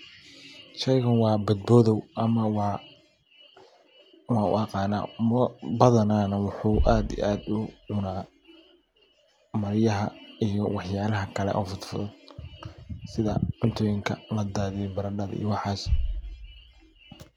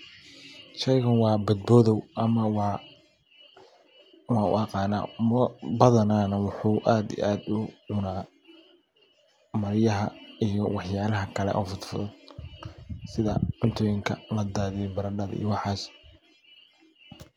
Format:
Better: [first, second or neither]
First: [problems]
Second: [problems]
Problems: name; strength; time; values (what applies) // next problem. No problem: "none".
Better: second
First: background sound (Bass drum); 11 dB below the speech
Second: none